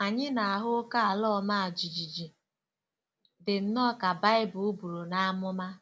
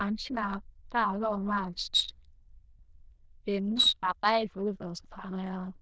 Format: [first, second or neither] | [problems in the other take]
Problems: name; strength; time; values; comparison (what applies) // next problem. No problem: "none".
first | noise reduction (neural diffusion model UNIVERSE++)